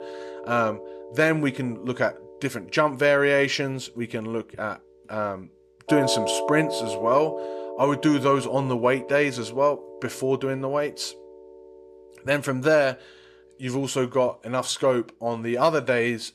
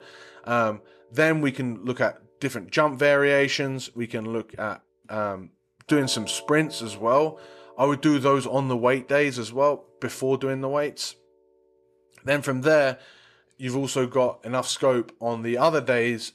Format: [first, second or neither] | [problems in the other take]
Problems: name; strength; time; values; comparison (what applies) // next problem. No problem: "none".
second | background music; loud; throughout; 10 dB below the speech; faint in the second